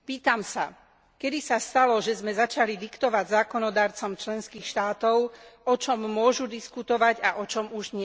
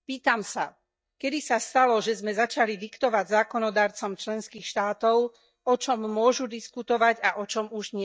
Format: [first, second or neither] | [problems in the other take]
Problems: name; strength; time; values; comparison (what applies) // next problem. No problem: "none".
first | noise reduction (neural mask model DeepFilterNet 3)